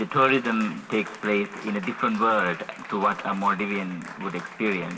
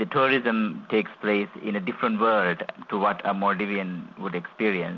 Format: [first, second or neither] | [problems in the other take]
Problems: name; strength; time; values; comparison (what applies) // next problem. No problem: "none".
second | background sound (Applause); 16 dB below the speech // room echo; dies away in 1.1 s